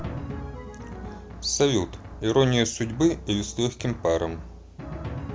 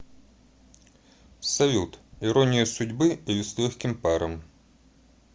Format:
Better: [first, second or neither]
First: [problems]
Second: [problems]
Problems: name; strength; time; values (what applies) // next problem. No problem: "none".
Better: second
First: background sound (Drum); 11 dB below the speech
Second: none